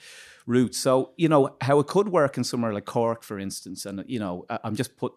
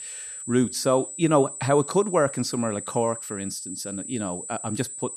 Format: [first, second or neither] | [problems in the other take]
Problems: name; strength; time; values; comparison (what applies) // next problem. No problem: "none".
first | high-pitched whine; loud; throughout; 8 kHz, 9 dB below the speech